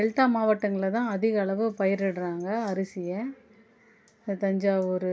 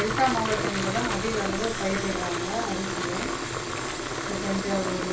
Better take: first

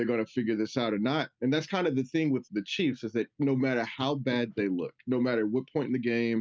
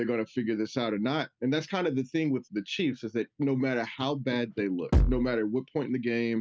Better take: first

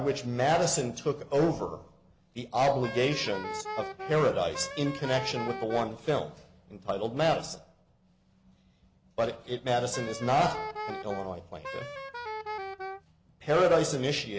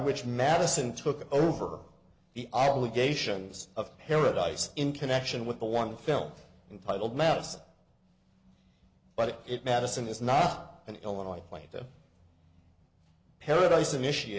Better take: second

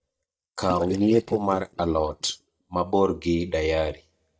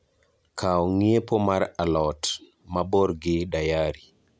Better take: second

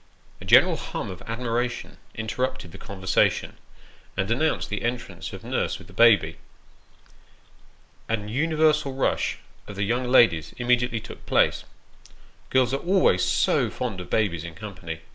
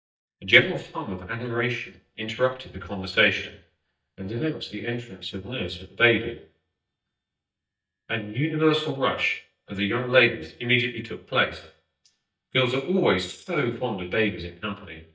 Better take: first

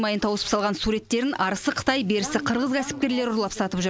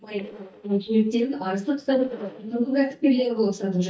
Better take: first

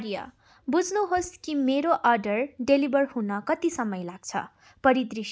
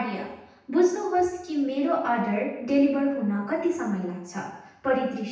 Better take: first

